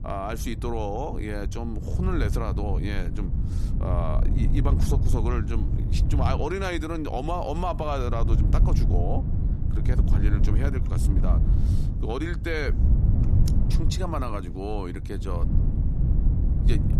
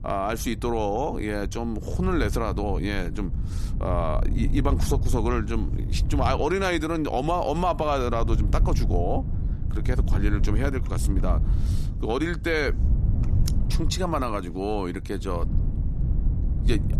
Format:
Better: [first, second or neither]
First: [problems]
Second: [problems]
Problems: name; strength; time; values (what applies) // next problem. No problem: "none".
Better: second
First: wind noise on the microphone; heavy; 7 dB below the speech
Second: wind noise on the microphone; occasional gusts; 15 dB below the speech